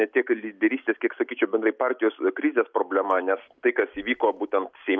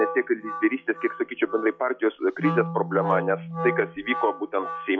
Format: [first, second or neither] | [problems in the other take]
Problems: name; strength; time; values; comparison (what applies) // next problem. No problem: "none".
first | noise reduction (classical method log-MMSE)